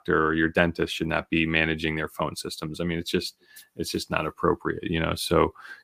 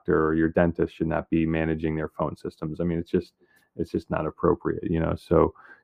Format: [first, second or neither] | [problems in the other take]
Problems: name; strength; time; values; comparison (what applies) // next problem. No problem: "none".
first | muffled; very; fading above 2 kHz